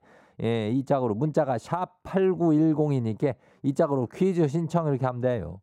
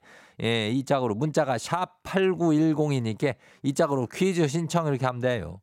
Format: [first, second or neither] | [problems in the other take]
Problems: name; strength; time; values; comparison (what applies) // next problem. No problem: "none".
second | muffled; slightly; fading above 1.5 kHz